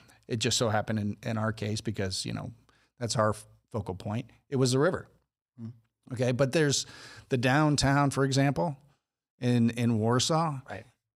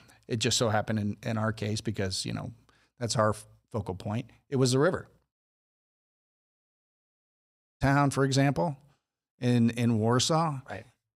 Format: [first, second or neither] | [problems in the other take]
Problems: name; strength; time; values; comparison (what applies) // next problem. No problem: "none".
first | audio cutting out; at 5.5 s for 2.5 s